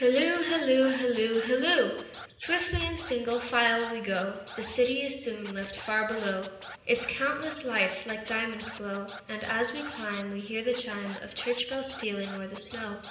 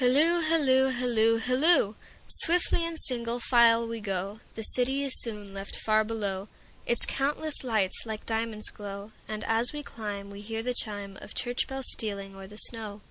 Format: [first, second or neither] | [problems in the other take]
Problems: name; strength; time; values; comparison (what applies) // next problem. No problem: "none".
second | background sound (Scratching (performance technique)); 17 dB below the speech // room echo; dies away in 0.9 s